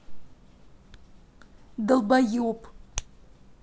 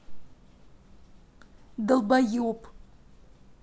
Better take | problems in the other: second | background sound (Hands); 17 dB below the speech

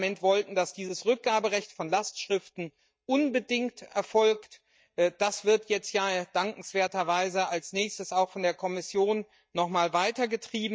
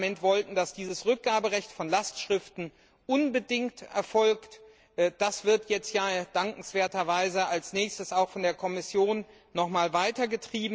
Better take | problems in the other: second | noise reduction (neural mask model DeepFilterNet 3)

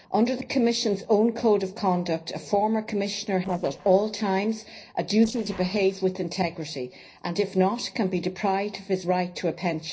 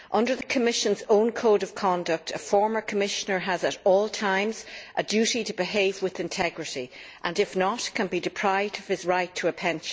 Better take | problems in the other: second | noise reduction (neural separator model SepFormer DNS4)

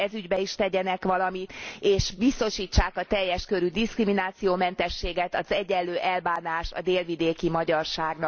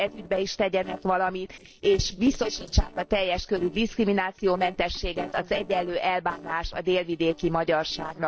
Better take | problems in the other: first | noise reduction (neural separator model SepFormer DNS4)

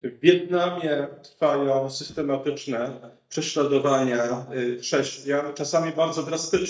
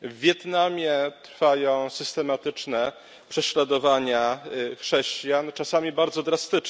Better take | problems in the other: second | noise reduction (neural mask model DeepFilterNet 3)

